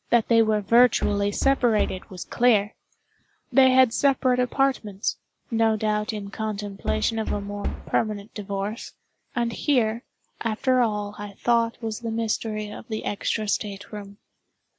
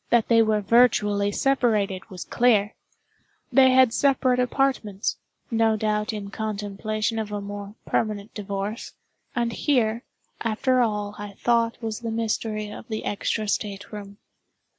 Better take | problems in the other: second | background sound (Knock); 5 dB below the speech

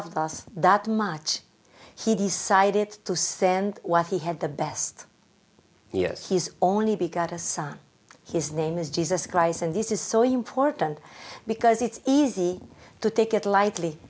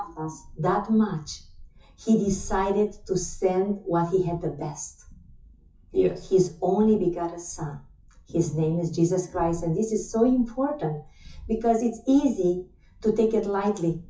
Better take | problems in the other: first | noise reduction (classical method WPE with log-MMSE)

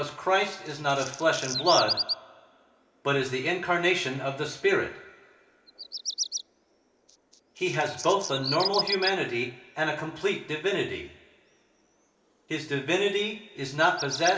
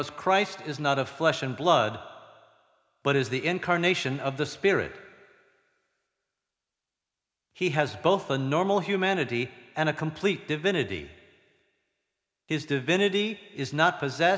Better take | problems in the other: second | background sound (Bird vocalization, bird call, bird song); 9 dB below the speech // room echo; dies away in 0.3 s

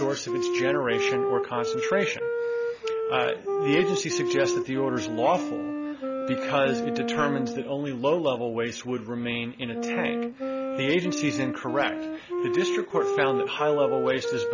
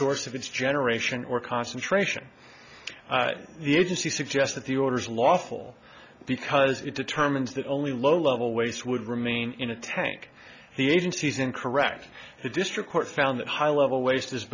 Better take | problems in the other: second | background sound (Wind instrument, woodwind instrument); 1 dB below the speech

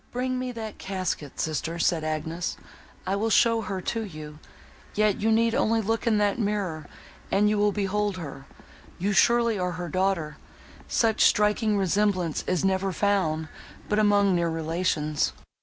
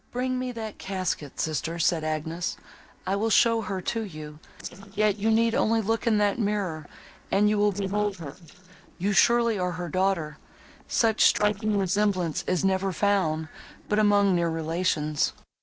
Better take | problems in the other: first | noise reduction (neural separator model SepFormer DNS4)

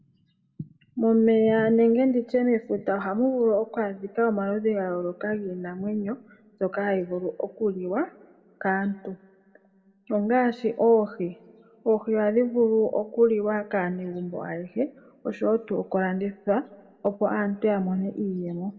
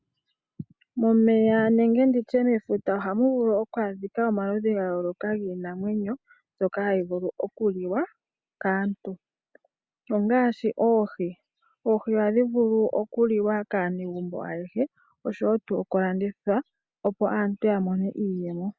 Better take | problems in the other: second | room echo; dies away in 0.7 s

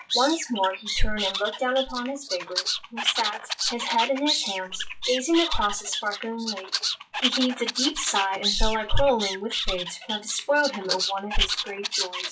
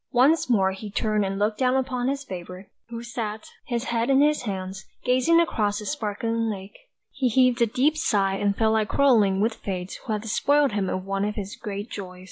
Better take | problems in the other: second | noise reduction (classical method WPE with log-MMSE)

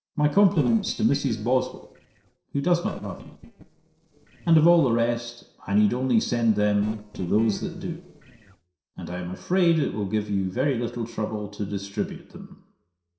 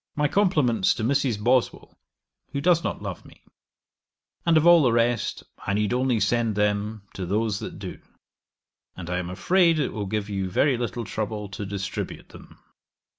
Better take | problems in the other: second | noise reduction (neural separator model SepFormer DNS4)

